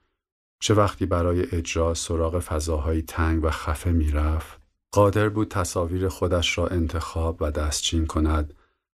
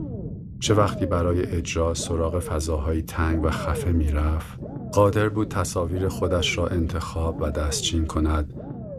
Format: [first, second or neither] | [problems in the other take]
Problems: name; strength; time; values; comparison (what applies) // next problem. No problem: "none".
first | low rumble; noticeable; throughout; 10 dB below the speech